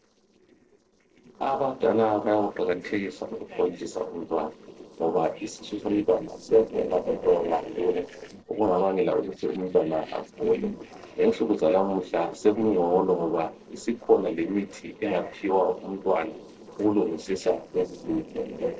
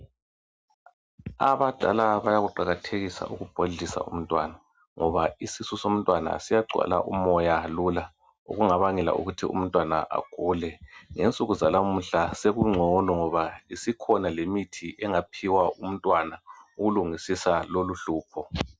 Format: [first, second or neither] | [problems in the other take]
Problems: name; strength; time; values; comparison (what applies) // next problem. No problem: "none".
second | noise reduction (neural separator model SepFormer DNS4)